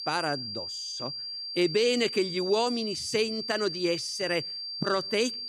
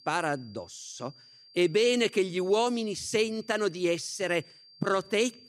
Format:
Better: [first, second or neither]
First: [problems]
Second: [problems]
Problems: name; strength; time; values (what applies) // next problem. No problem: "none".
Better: second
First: high-pitched whine; loud; throughout; 4.5 kHz, 5 dB below the speech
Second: high-pitched whine; faint; throughout; 4.5 kHz, 25 dB below the speech